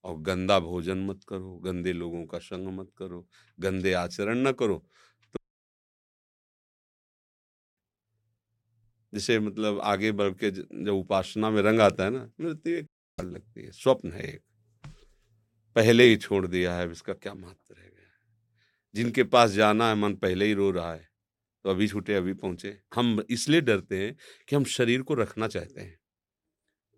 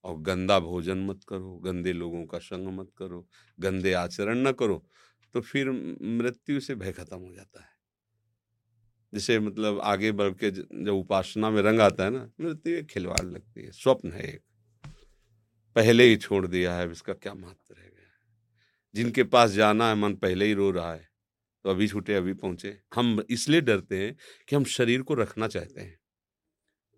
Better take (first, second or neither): second